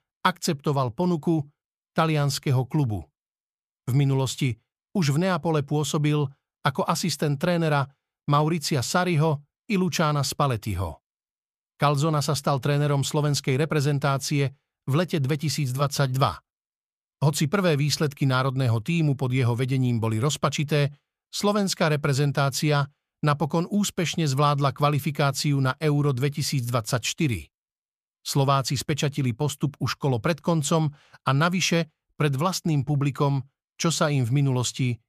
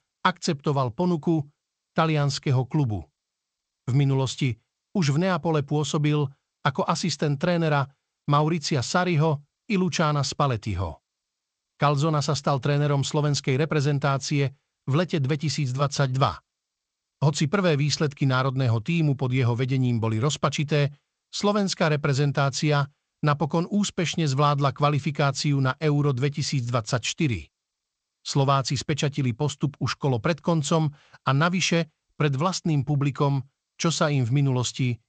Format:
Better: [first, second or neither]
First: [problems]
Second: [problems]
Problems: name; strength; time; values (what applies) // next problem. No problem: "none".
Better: first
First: none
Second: garbled, watery; slightly; nothing above 8 kHz